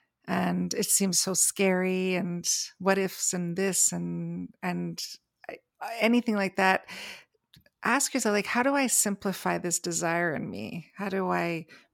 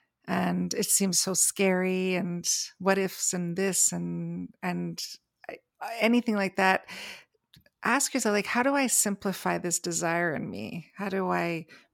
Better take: neither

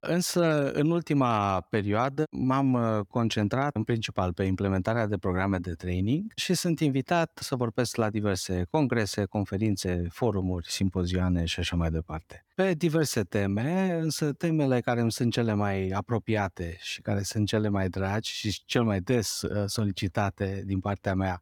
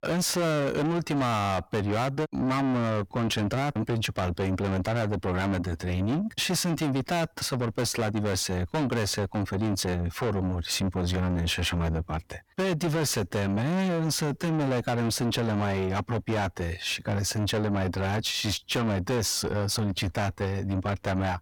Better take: first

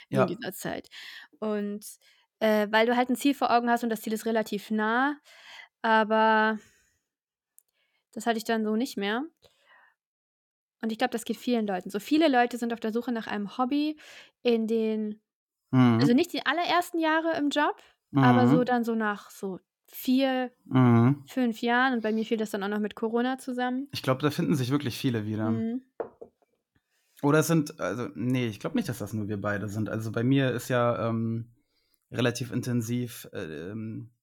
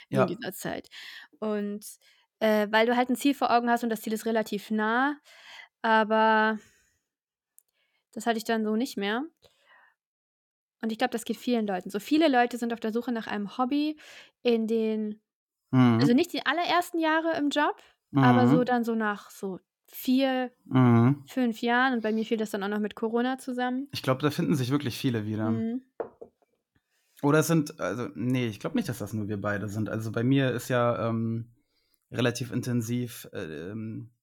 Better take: neither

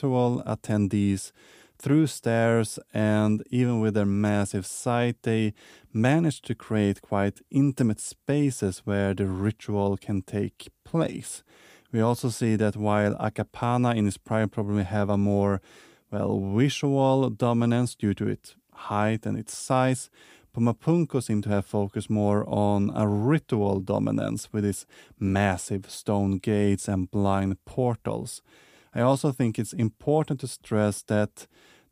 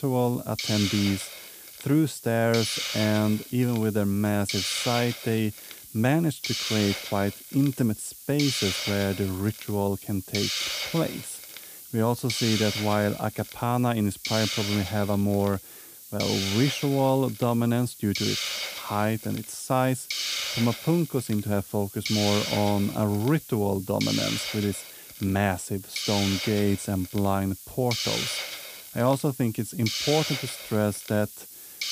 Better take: first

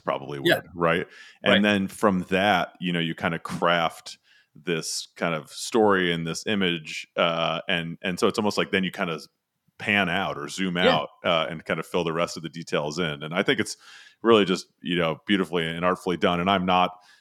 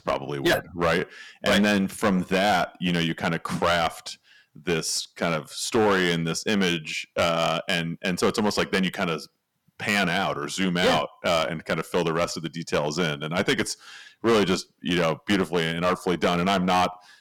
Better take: first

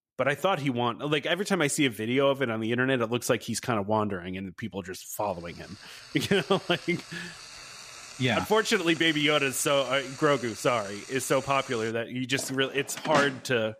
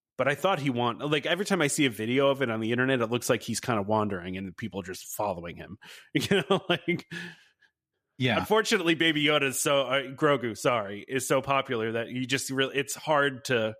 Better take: second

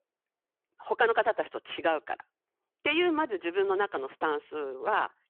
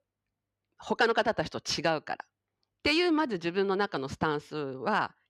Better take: second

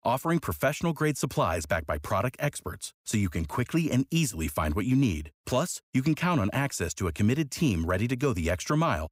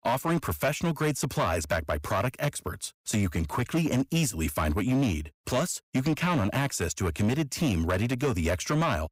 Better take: first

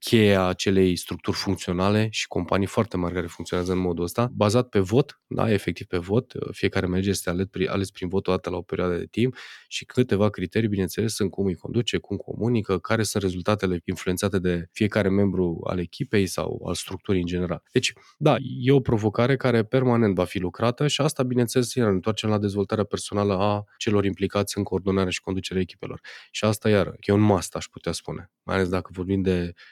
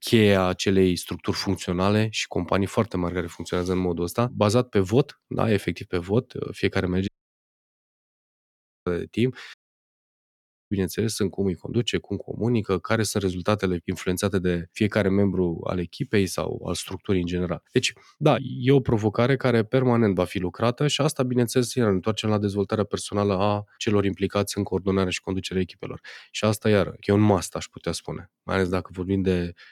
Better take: first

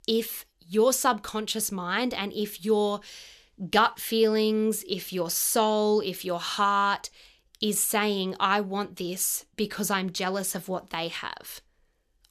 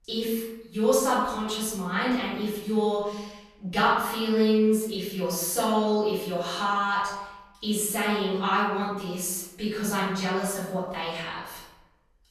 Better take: first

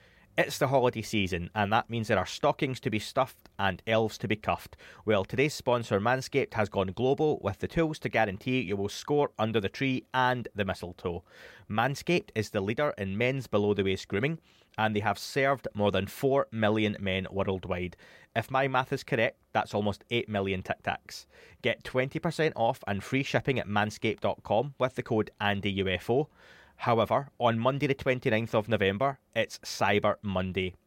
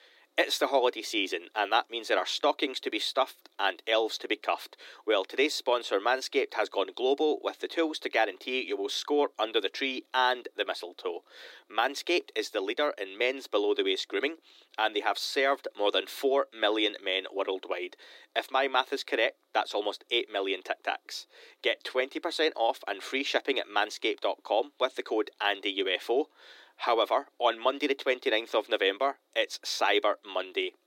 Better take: first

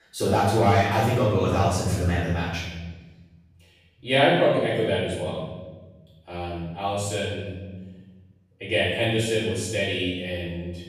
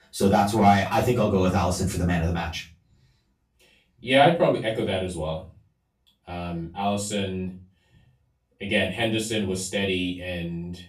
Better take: second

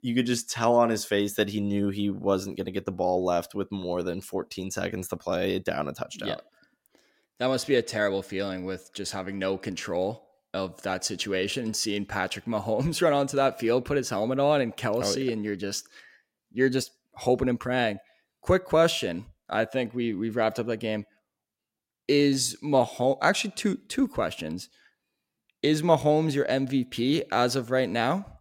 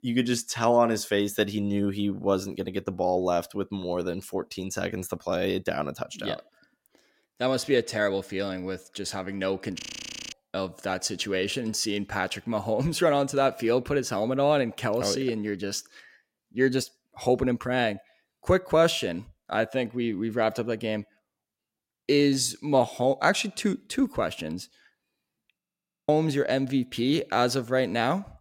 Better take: first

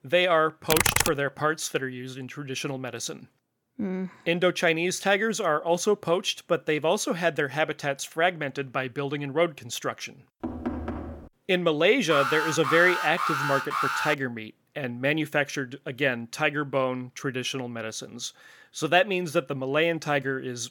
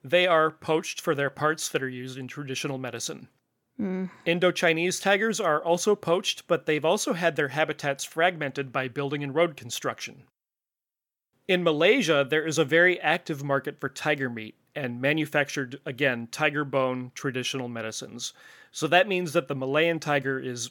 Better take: second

